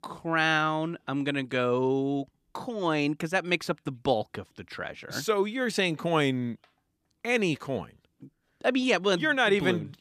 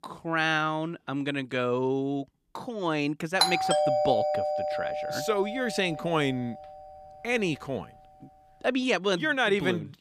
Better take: first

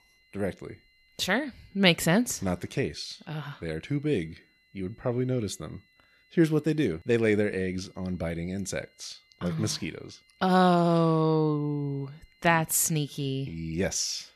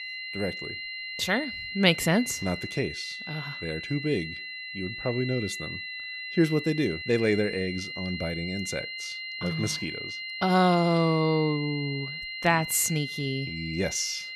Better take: first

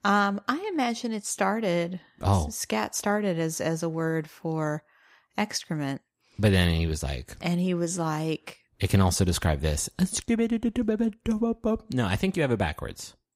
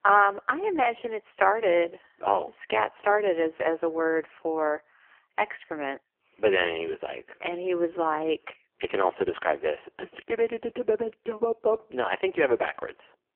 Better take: first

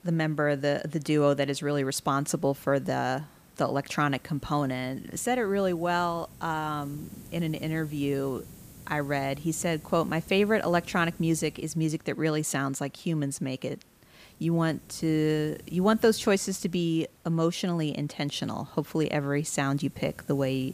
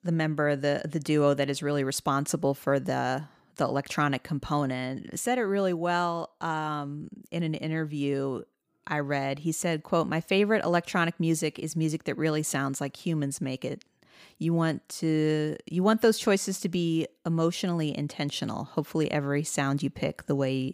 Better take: second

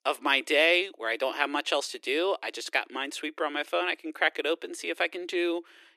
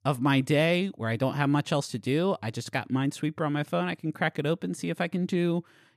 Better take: second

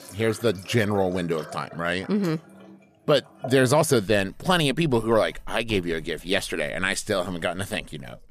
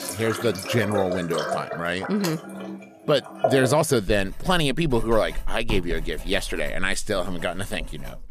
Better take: first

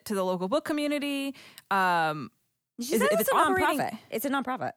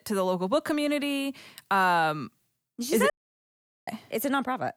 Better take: first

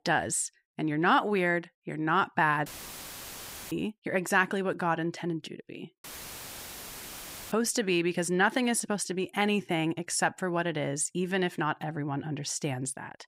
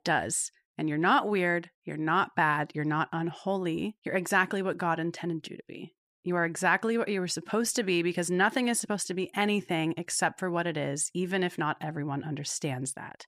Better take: second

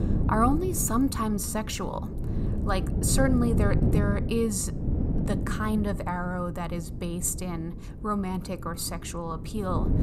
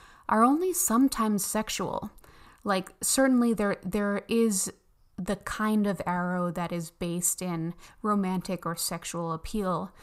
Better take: second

